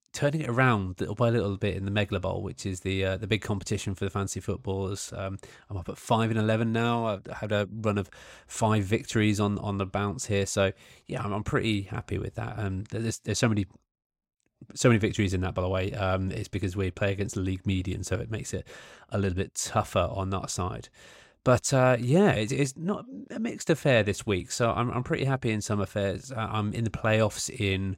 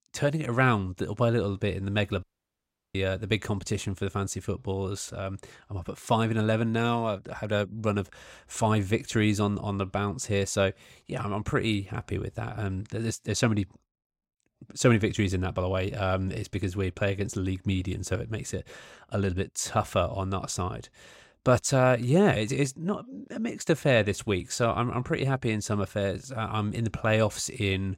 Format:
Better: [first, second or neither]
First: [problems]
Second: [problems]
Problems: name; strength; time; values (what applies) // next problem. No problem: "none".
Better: first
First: none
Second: audio cutting out; at 2 s for 0.5 s